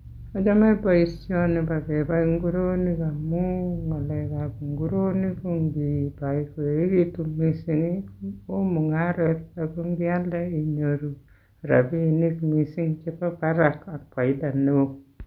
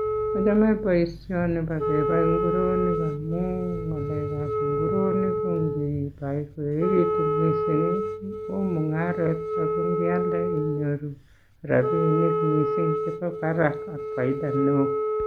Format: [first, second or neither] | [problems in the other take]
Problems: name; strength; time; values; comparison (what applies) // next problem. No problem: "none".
first | background sound (Wind instrument, woodwind instrument); 1 dB below the speech